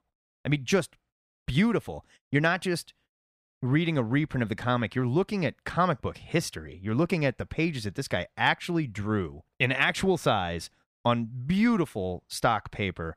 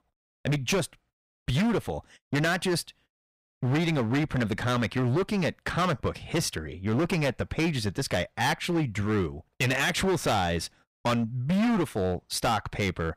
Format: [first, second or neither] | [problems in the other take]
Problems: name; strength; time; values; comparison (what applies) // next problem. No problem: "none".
first | distortion; heavy; 16% of the sound clipped